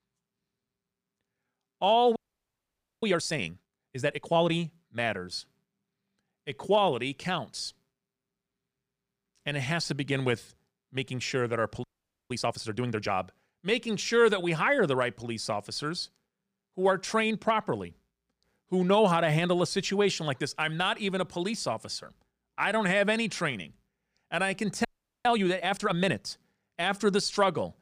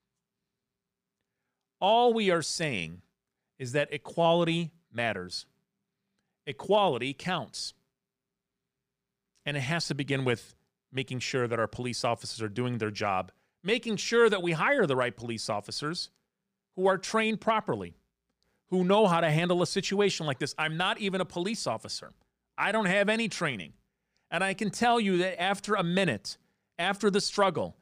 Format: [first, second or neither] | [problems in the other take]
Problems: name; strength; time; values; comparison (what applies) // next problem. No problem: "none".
second | audio freezing; at 2 s for 1 s, at 12 s and at 25 s